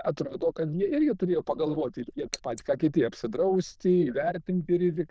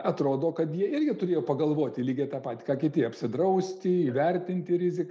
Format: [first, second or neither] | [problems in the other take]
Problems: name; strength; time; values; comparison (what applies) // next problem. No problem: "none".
second | noise reduction (neural diffusion model UNIVERSE++)